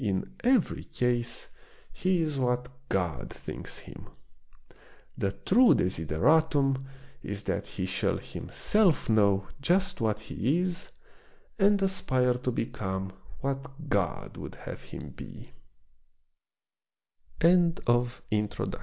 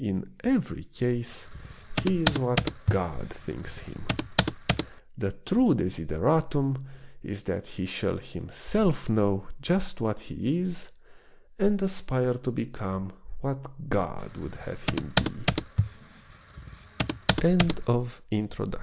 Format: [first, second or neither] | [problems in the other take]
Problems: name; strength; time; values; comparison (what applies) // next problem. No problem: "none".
first | background sound (Computer keyboard); 2 dB below the speech